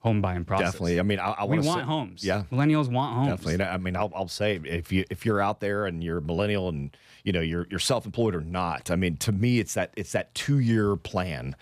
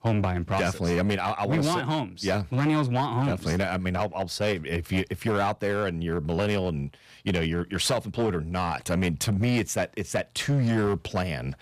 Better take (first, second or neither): first